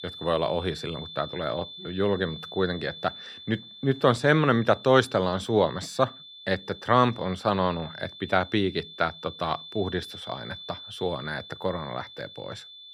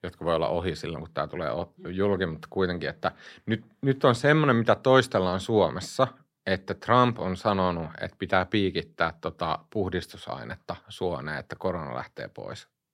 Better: second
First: high-pitched whine; noticeable; throughout; 3.5 kHz, 15 dB below the speech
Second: none

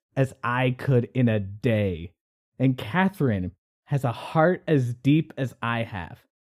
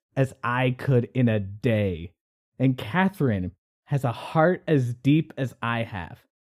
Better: neither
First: muffled; very; fading above 2 kHz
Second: muffled; very; fading above 2 kHz

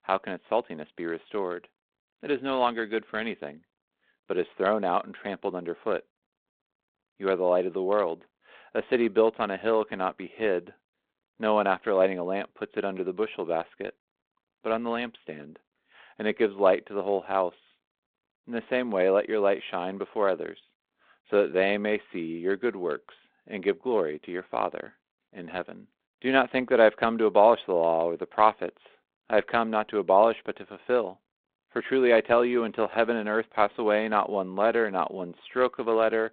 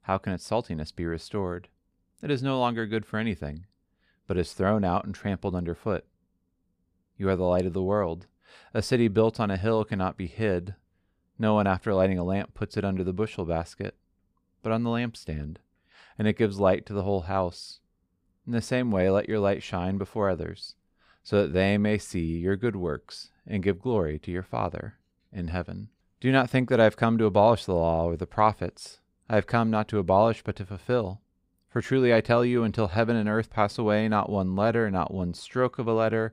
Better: second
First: phone-call audio; nothing above 3.5 kHz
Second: none

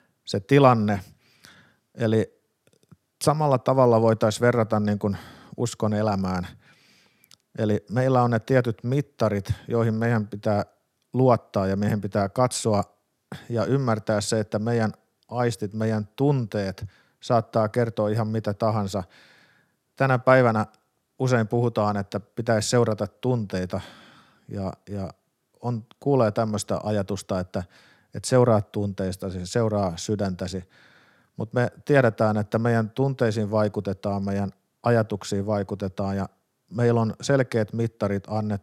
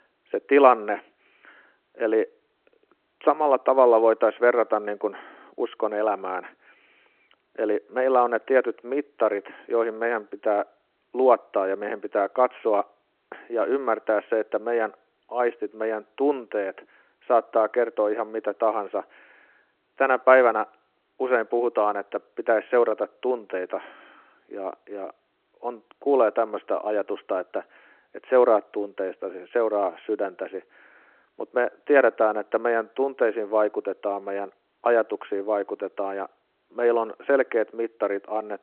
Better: first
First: none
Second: phone-call audio

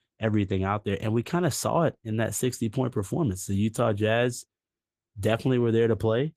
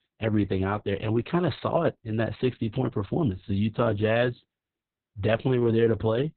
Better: first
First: garbled, watery; slightly; nothing above 14.5 kHz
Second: garbled, watery; badly; nothing above 4 kHz

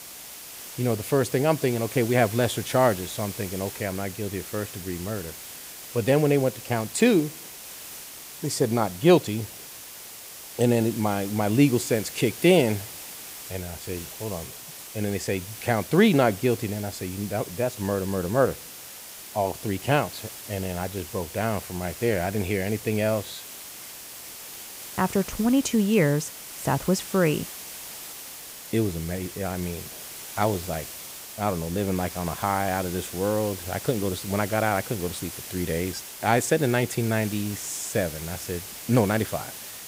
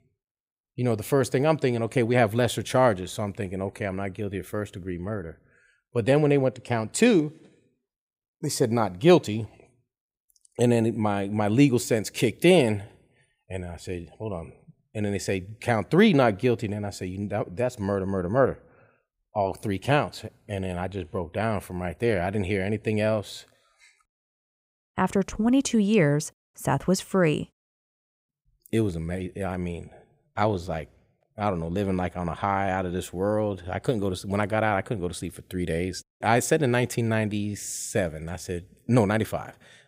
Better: second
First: hiss; noticeable; throughout; 10 dB below the speech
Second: none

